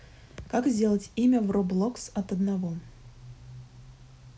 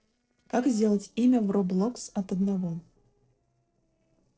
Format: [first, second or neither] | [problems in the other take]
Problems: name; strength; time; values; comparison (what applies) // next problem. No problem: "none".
first | noise reduction (neural separator model SepFormer DNS4)